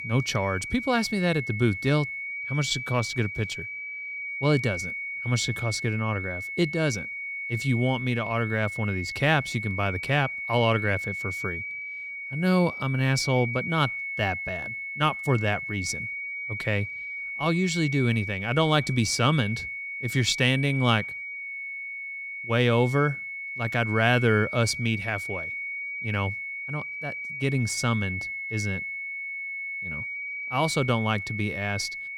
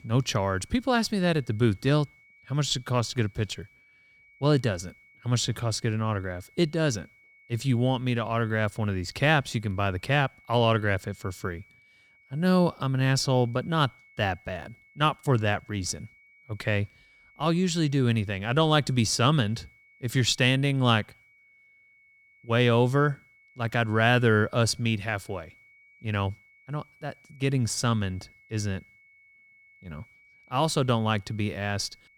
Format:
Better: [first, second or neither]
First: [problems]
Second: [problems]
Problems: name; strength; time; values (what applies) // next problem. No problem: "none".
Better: second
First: high-pitched whine; loud; throughout; 2 kHz, 6 dB below the speech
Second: high-pitched whine; faint; throughout; 2 kHz, 30 dB below the speech